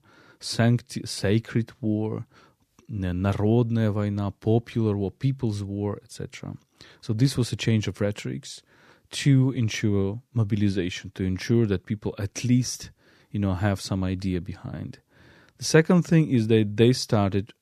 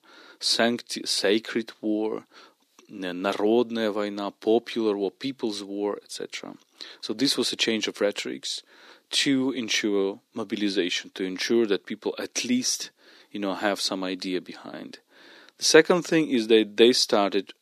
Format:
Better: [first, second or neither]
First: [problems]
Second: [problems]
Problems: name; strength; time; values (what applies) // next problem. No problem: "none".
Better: first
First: none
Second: thin; somewhat; fading below 300 Hz